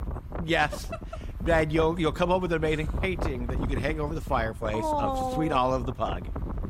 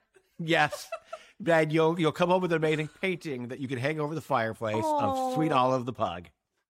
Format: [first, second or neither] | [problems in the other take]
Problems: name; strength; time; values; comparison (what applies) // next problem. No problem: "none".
second | wind noise on the microphone; occasional gusts; 15 dB below the speech